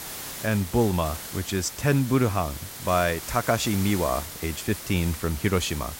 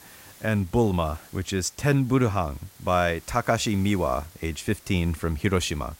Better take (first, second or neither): second